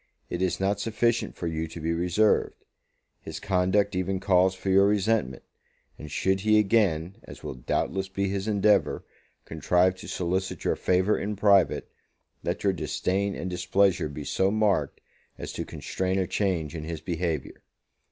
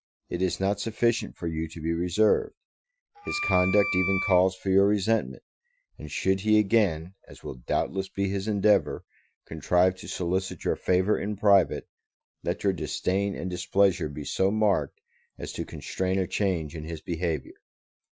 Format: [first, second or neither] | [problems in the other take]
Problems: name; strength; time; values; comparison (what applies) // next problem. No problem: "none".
first | noise reduction (classical method Wiener filter)